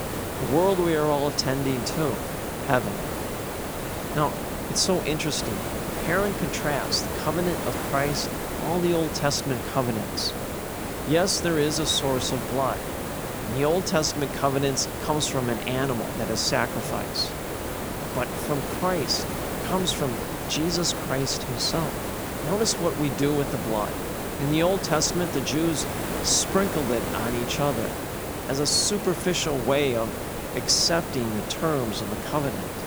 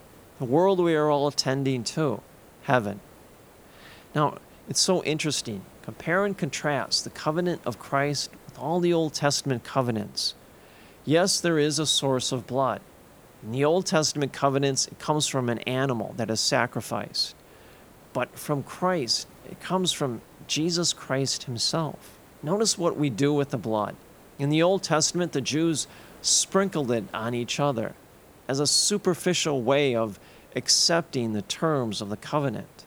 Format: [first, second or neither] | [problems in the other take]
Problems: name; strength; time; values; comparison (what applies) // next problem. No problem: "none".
second | hiss; loud; throughout; 5 dB below the speech; faint in the second